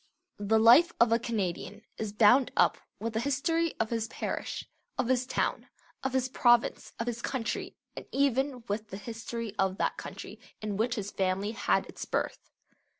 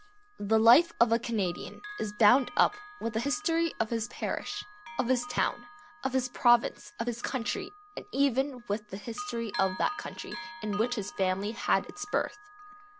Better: first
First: none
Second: background sound (Bell); 17 dB below the speech

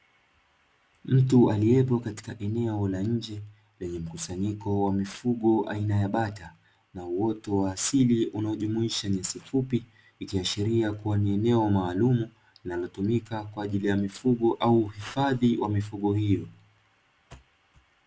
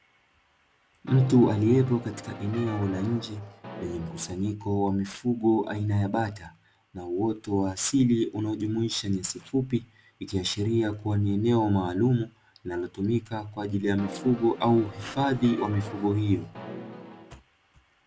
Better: first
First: none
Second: background sound (Brass instrument); 14 dB below the speech

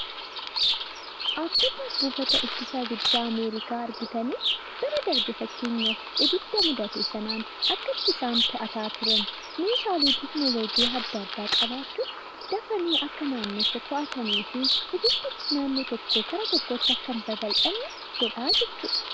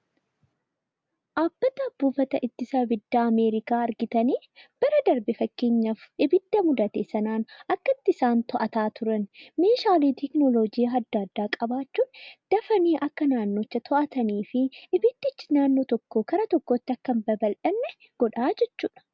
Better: second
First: background sound (Bird vocalization, bird call, bird song); 2 dB above the speech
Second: none

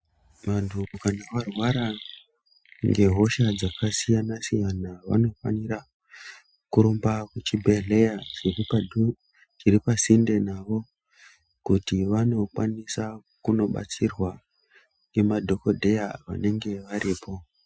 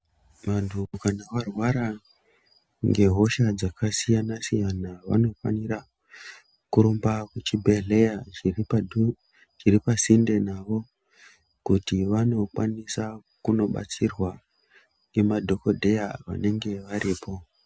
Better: second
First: noise reduction (classical method Wiener filter)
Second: none

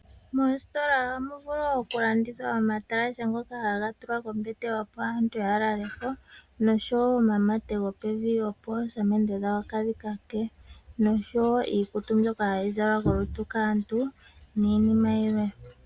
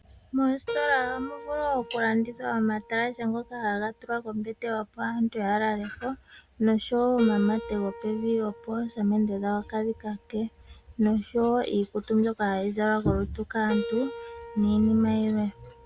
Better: first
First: none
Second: background sound (Keyboard (musical)); 15 dB below the speech

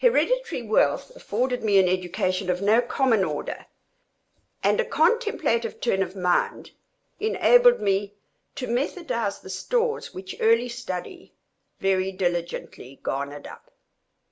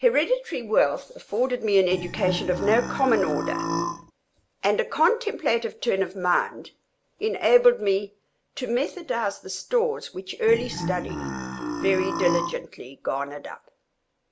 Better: first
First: none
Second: background sound (Burping, eructation); 5 dB below the speech

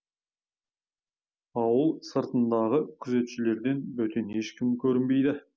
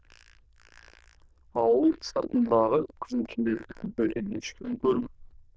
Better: first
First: none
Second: noise reduction (neural diffusion model UNIVERSE++)

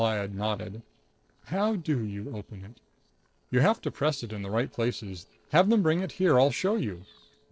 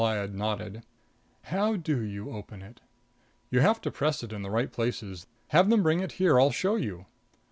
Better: second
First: noise reduction (neural separator model SepFormer DNS4)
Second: none

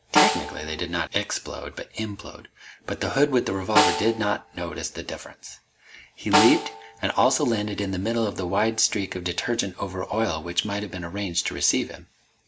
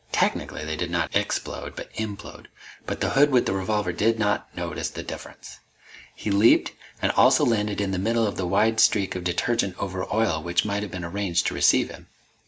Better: second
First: background sound (Snare drum); 3 dB below the speech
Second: none

